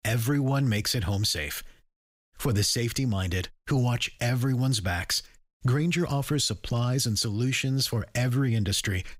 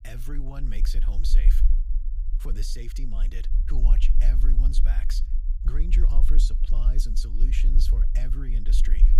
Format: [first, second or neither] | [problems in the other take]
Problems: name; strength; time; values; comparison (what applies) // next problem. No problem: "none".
first | low rumble; loud; throughout; 7 dB below the speech